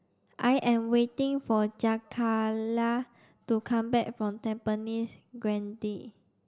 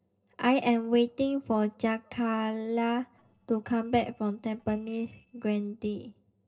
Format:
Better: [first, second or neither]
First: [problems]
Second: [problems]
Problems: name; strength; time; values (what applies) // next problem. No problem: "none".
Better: first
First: none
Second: noise reduction (neural separator model SepFormer DNS4)